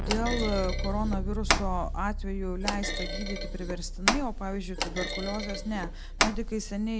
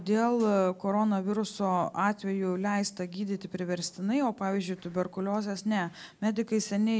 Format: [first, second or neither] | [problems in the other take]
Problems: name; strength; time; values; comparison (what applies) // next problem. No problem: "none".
second | background sound (Keyboard (musical) + Thump, thud); 2 dB above the speech